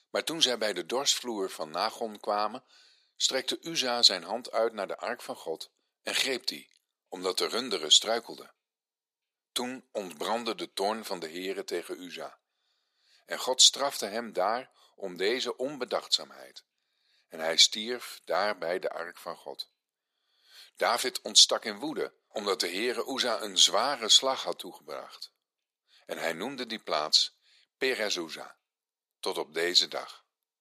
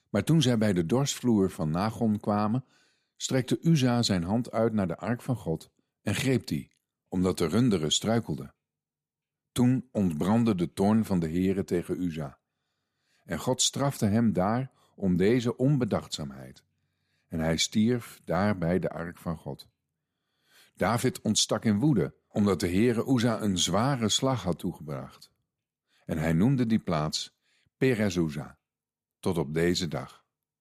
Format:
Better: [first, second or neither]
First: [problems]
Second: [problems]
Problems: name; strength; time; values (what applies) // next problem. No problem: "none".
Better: second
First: thin; very; fading below 450 Hz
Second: none